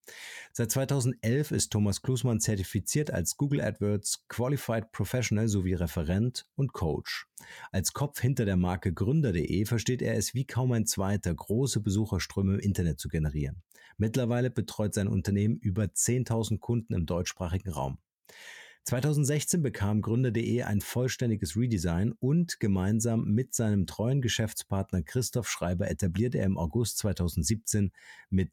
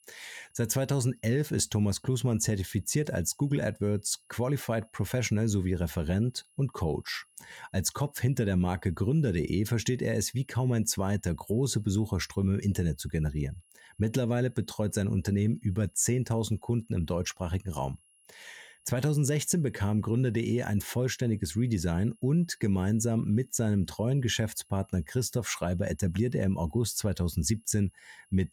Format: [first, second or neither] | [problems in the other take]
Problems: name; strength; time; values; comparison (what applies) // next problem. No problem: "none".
first | high-pitched whine; faint; throughout; 11 kHz, 35 dB below the speech